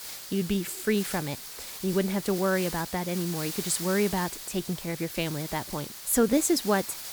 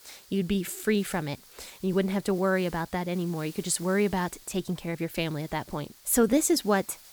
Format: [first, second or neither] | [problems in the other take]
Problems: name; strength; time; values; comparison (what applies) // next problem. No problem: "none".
second | hiss; loud; throughout; 8 dB below the speech; faint in the second